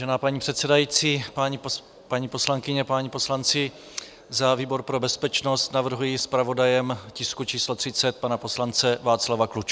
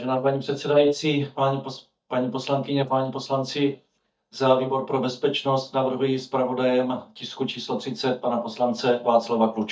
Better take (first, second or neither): first